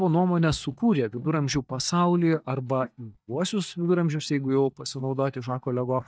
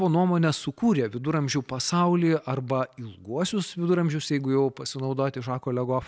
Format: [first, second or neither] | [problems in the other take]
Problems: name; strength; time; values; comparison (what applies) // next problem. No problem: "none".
second | noise reduction (neural mask model DeepFilterNet 3)